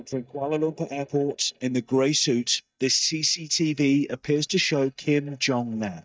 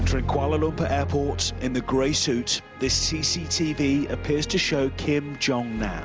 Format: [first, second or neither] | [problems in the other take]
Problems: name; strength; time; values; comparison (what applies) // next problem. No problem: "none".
second | noise reduction (neural mask model DeepFilterNet 3)